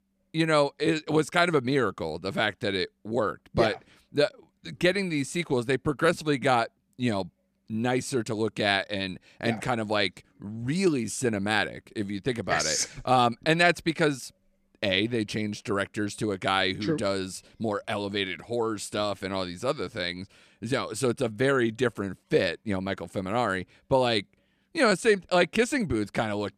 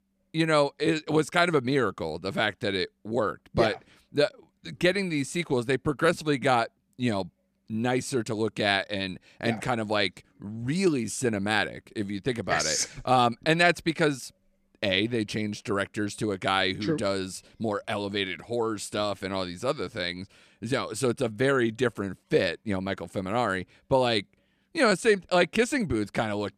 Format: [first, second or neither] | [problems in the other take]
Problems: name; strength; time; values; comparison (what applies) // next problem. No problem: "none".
neither | none